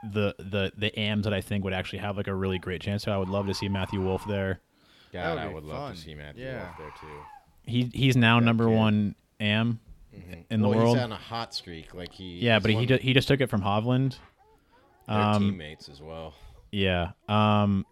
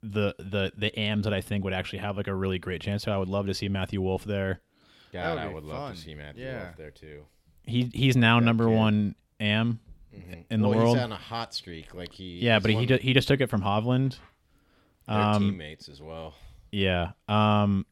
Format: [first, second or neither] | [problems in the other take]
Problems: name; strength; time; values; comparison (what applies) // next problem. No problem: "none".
second | animal sounds; faint; throughout; 25 dB below the speech